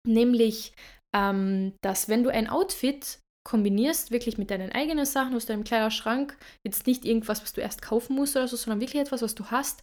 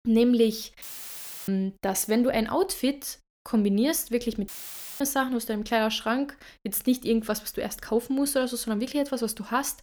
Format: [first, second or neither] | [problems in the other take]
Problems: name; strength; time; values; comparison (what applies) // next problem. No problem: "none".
first | audio cutting out; filled with static; at 1 s for 0.5 s and at 4.5 s for 0.5 s